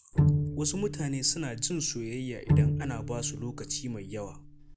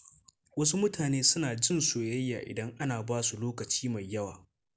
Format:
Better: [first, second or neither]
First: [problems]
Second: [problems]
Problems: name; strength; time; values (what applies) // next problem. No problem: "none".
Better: second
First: background sound (Bowed string instrument); 4 dB above the speech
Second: none